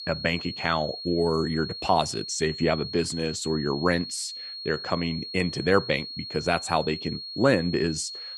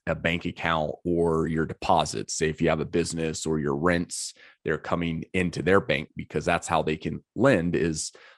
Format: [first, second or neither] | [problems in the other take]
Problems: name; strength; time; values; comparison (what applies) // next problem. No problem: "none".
second | high-pitched whine; loud; throughout; 4.5 kHz, 8 dB below the speech